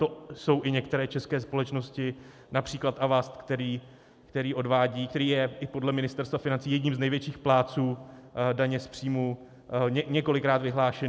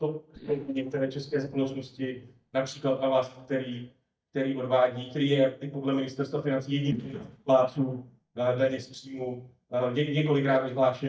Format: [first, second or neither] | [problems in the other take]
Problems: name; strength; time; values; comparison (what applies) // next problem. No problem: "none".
first | noise reduction (neural mask model DeepFilterNet 3)